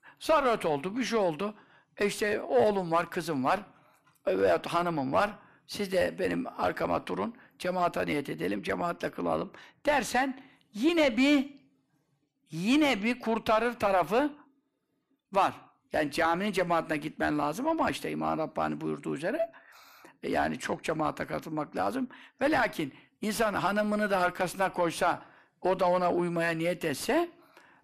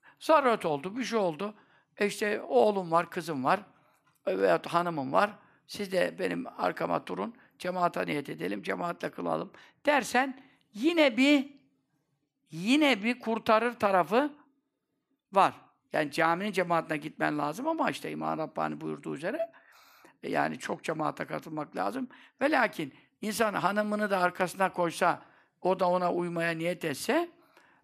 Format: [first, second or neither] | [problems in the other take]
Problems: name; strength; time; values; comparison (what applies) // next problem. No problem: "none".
second | distortion; slight; 9 dB below the speech